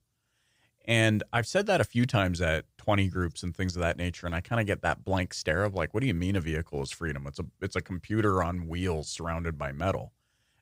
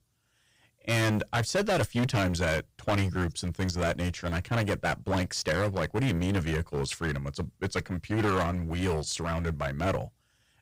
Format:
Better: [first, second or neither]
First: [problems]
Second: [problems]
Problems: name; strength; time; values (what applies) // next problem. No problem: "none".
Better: first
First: none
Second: distortion; heavy; 13% of the sound clipped